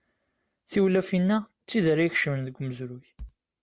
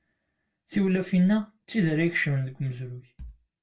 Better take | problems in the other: first | room echo; dies away in 0.2 s

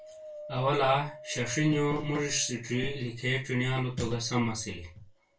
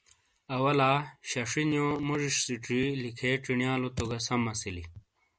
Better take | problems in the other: second | background sound (Wind); 18 dB below the speech // room echo; dies away in 0.2 s

